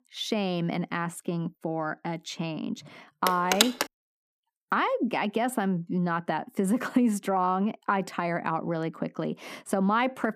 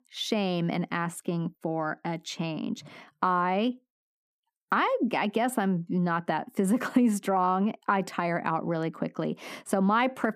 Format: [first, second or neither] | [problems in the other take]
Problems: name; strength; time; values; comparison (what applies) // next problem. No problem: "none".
second | phone ringing; loud; at 3.5 s; peak 5 dB above the speech